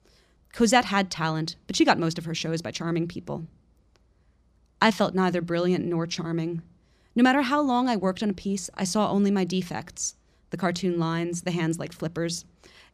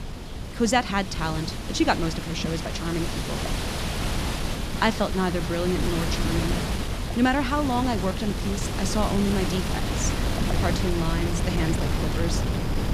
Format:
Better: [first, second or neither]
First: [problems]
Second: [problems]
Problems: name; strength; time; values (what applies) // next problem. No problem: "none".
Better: first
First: none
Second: wind noise on the microphone; heavy; 4 dB below the speech